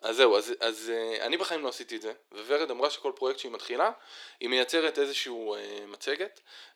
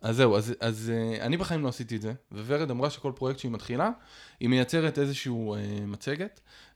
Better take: second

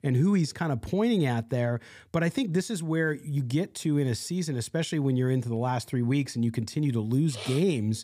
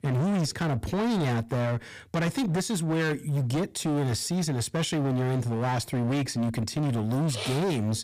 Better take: first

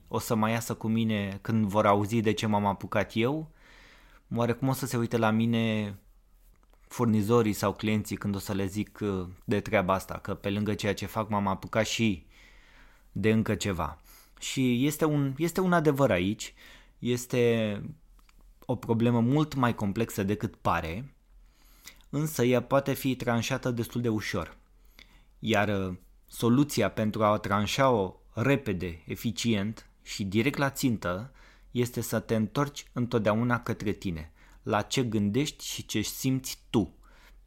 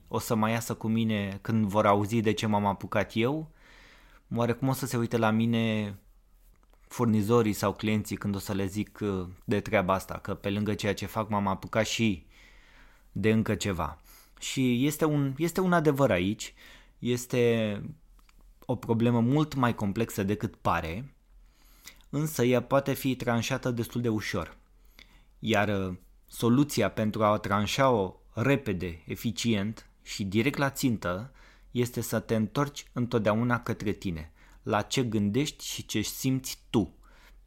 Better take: neither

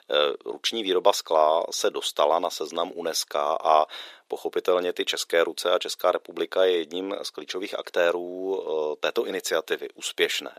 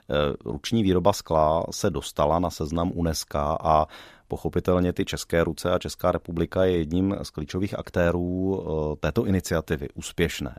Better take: second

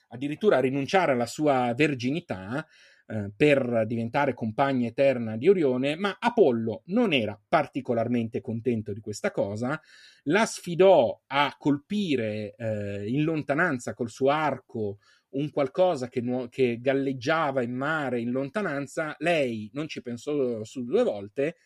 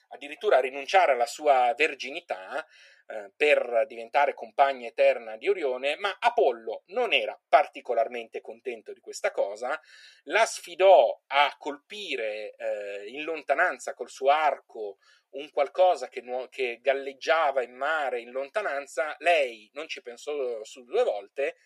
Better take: first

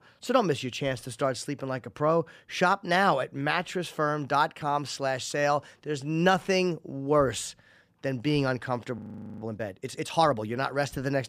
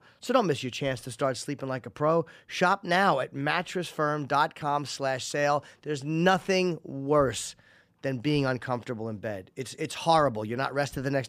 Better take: second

